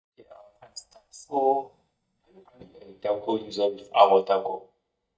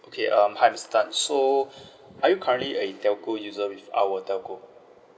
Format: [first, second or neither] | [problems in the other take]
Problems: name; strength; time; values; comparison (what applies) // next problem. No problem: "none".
second | noise reduction (neural mask model DeepFilterNet 3)